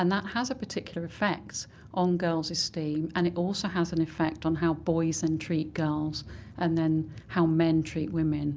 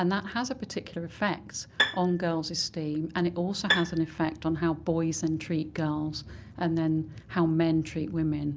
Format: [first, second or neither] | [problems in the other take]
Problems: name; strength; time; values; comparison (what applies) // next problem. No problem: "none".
first | background sound (Bowed string instrument); 3 dB below the speech